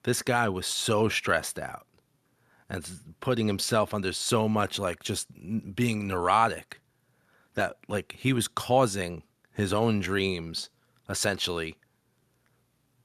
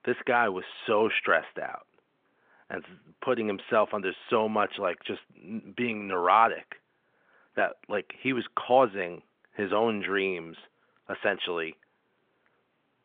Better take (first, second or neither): first